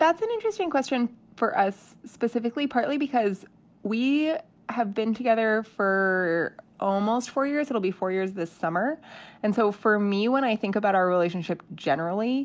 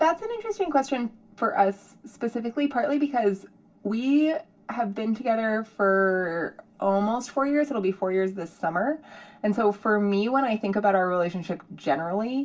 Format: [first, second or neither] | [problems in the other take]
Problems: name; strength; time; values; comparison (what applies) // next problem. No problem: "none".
first | room echo; dies away in 0.2 s